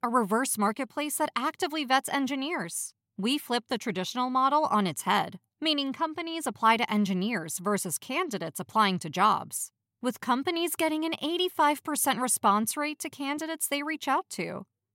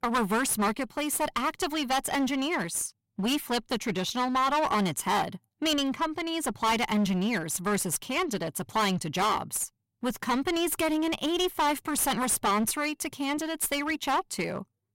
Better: first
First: none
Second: distortion; heavy; 15% of the sound clipped

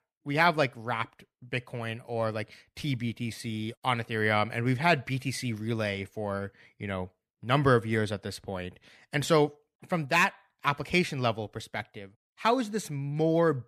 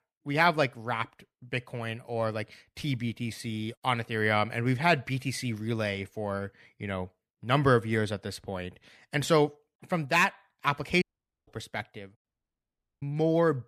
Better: first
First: none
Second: audio cutting out; at 11 s and at 12 s for 1 s

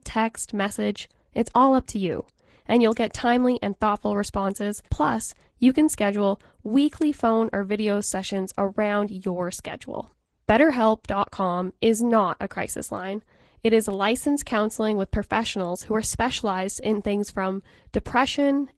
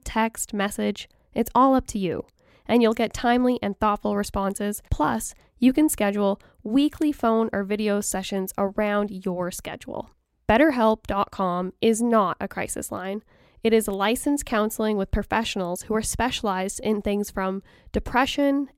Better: second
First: garbled, watery; slightly; nothing above 15.5 kHz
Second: none

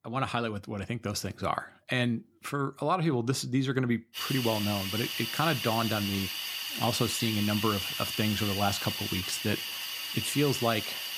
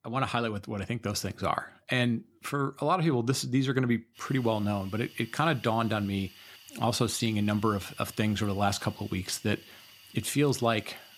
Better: second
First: hiss; loud; from 4 s on; 2 dB below the speech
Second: hiss; faint; from 4 s on; 20 dB below the speech

